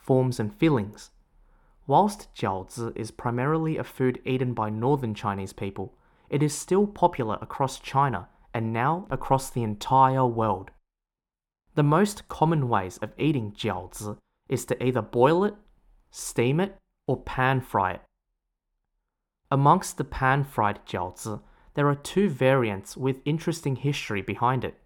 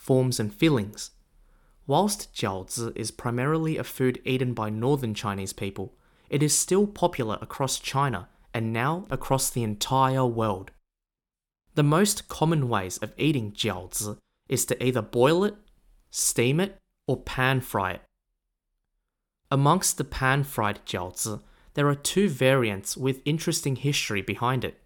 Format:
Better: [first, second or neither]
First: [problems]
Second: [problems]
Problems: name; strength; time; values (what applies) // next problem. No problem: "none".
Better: second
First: muffled; slightly; fading above 3 kHz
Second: none